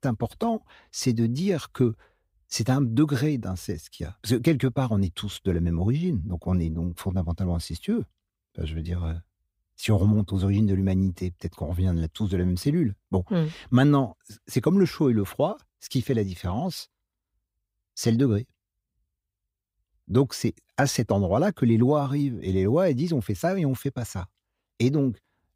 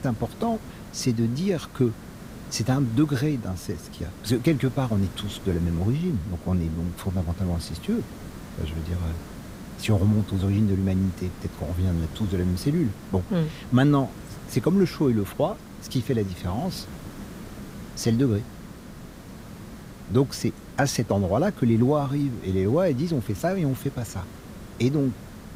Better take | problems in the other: first | hiss; noticeable; throughout; 15 dB below the speech

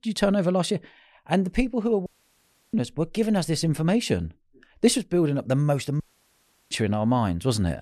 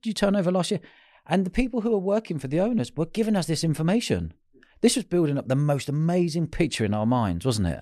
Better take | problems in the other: second | audio cutting out; at 2 s for 0.5 s and at 6 s for 0.5 s

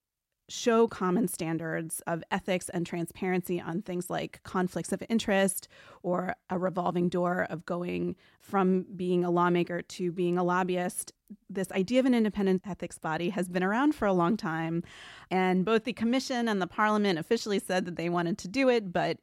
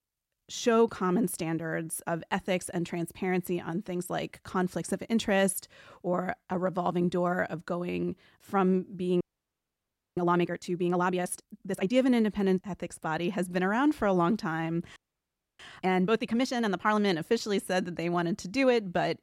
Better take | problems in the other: first | audio freezing; at 9 s for 1 s and at 15 s for 0.5 s

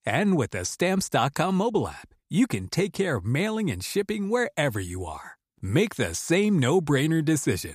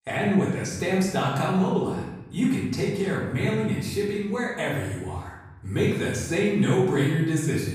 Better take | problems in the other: first | off-mic speech; far // room echo; noticeable; dies away in 1 s

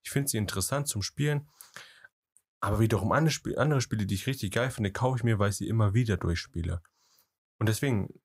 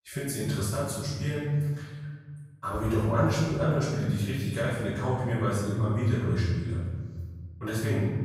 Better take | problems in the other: first | off-mic speech; far // room echo; strong; dies away in 1.7 s

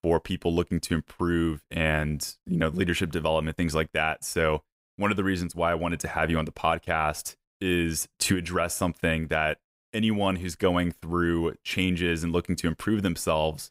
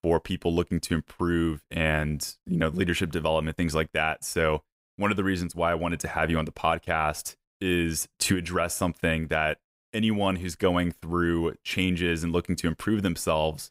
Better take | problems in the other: neither | none

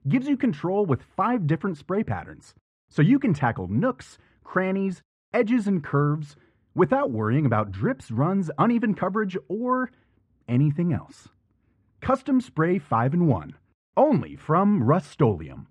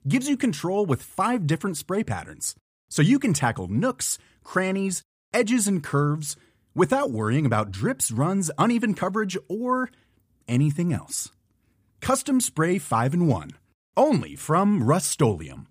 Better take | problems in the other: second | muffled; very; fading above 2 kHz

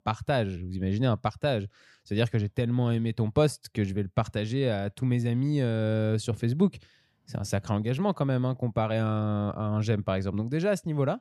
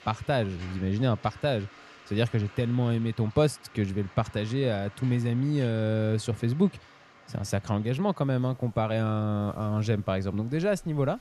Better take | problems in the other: first | rain or running water; faint; throughout; 25 dB below the speech

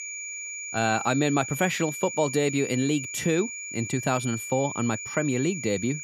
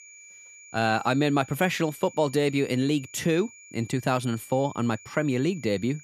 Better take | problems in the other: second | high-pitched whine; loud; throughout; 2.5 kHz, 7 dB below the speech; faint in the second

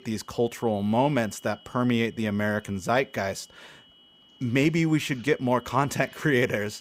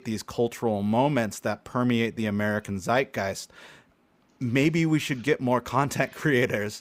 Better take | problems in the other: second | high-pitched whine; faint; throughout; 3 kHz, 25 dB below the speech

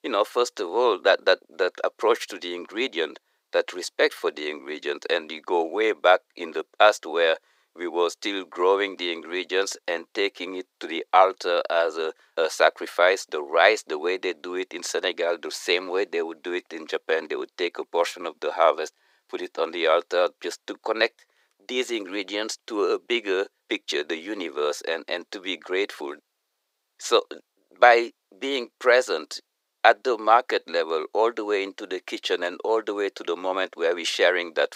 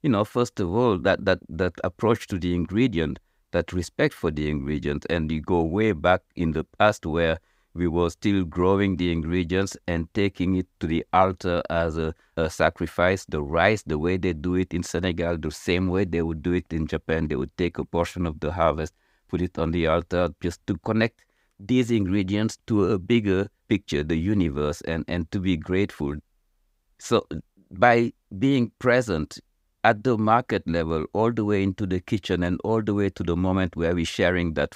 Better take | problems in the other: second | thin; very; fading below 400 Hz

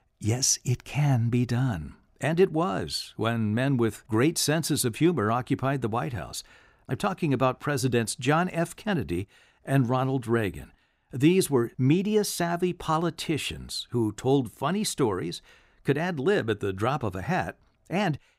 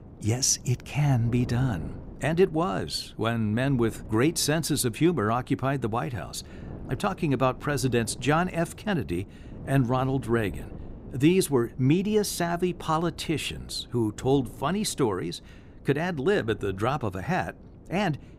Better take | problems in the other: first | wind noise on the microphone; occasional gusts; 20 dB below the speech

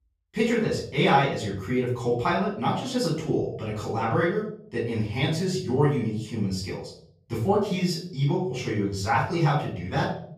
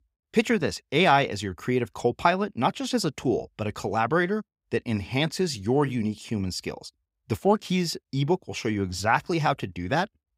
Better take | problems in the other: second | off-mic speech; far // room echo; noticeable; dies away in 0.5 s

